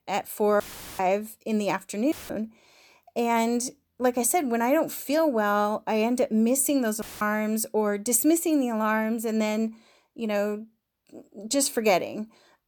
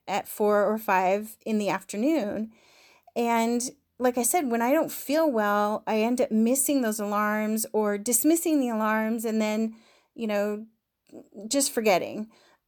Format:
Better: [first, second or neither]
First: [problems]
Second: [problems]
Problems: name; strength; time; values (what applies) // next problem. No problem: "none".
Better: second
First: audio cutting out; filled with static; at 0.5 s, at 2 s and at 7 s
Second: none